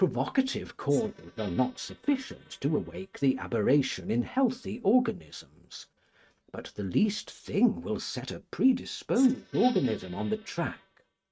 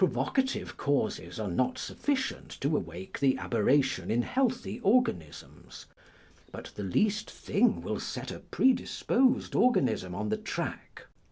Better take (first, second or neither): second